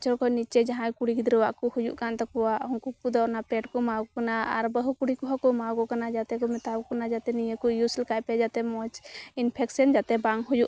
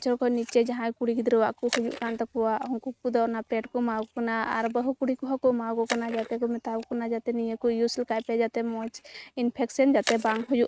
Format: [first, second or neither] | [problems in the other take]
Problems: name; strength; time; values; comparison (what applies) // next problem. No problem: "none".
first | noise reduction (neural mask model RNNoise)